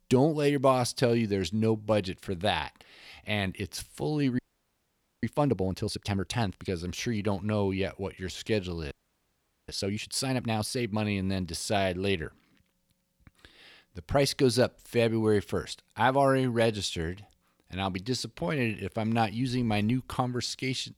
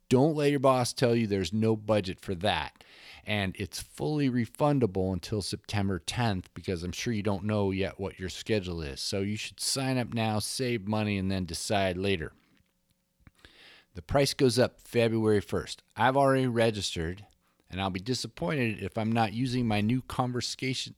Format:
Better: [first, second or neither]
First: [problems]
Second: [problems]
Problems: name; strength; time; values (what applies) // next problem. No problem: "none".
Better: second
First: audio freezing; at 4.5 s for 1 s and at 9 s for 1 s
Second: none